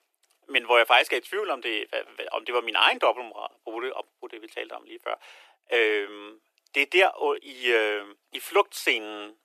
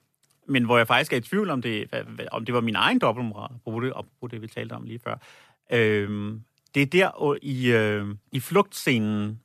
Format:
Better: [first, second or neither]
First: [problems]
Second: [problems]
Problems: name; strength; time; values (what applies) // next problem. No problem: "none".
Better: second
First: thin; very; fading below 350 Hz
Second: none